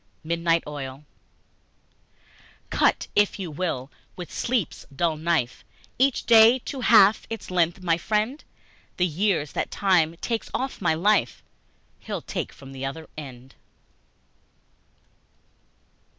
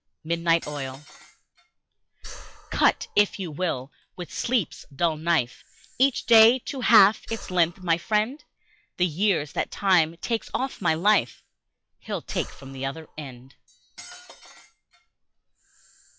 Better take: first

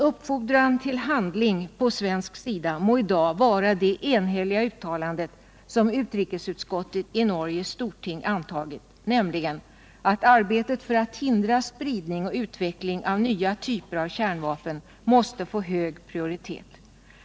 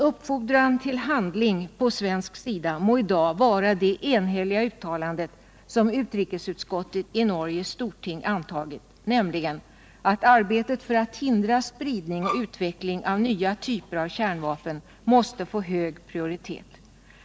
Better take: first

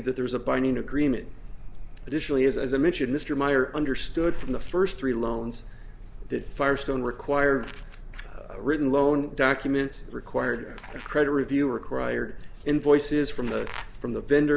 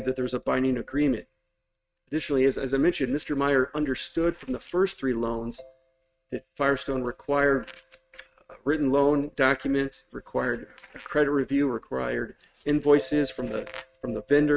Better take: first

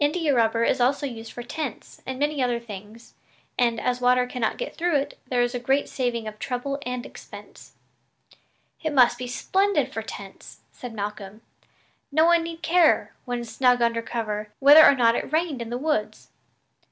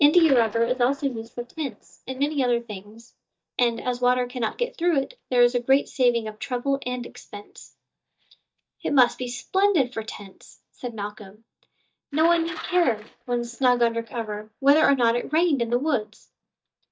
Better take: first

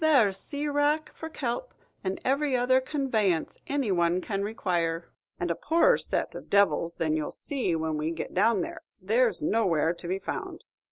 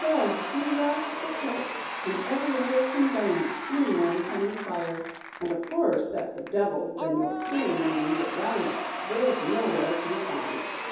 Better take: first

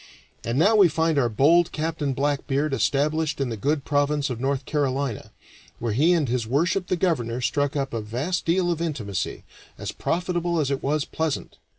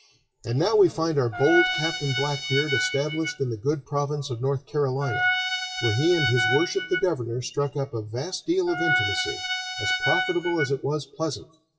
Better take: first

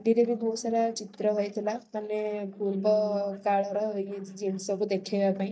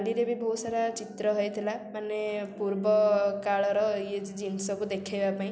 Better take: second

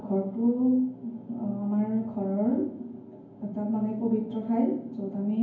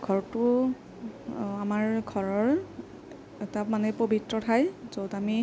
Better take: second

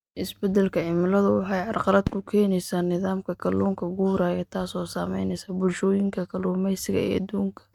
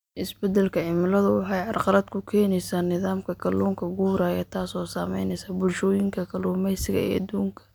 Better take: second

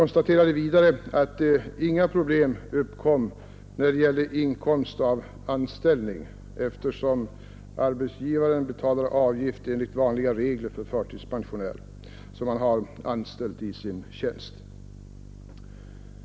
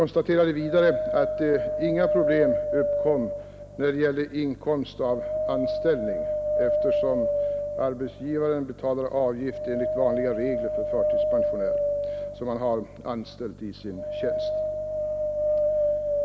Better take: first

